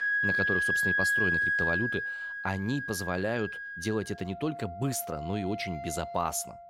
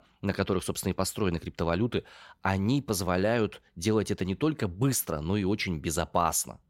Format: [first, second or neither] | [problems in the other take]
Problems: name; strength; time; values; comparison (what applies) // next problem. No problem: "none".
second | background music; very loud; throughout; 4 dB above the speech